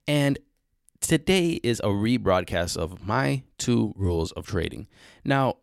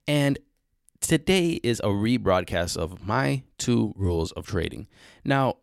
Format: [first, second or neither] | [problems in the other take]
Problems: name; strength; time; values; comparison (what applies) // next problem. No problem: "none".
neither | none